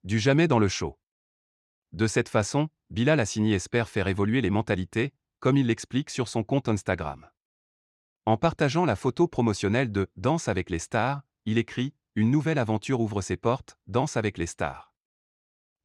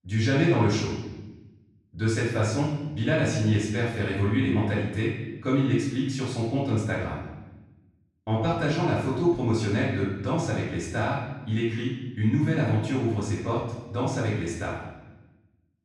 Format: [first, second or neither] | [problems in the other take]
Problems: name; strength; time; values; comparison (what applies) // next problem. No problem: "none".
first | off-mic speech; far // room echo; noticeable; dies away in 0.9 s